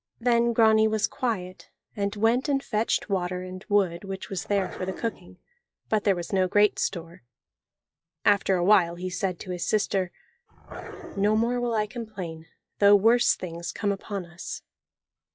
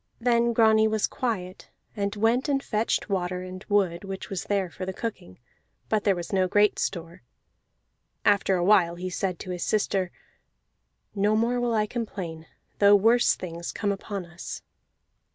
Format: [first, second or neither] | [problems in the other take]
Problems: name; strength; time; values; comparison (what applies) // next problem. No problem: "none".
second | noise reduction (classical method log-MMSE)